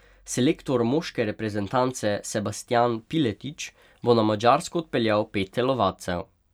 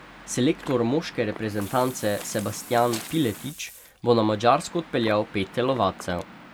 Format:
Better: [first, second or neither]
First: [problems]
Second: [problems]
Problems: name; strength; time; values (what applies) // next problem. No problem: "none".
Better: first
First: none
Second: background sound (Sink (filling or washing) / Water tap, faucet + Waves, surf / Wind); 17 dB below the speech